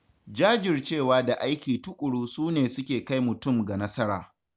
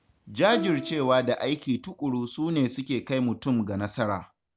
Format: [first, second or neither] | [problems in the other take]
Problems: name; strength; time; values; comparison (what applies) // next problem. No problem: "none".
first | background sound (Plucked string instrument); 11 dB below the speech